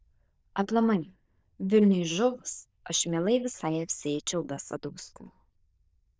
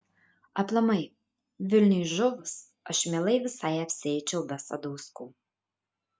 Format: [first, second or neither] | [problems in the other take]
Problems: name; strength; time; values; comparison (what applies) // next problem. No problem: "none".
second | noise reduction (neural diffusion model UNIVERSE++)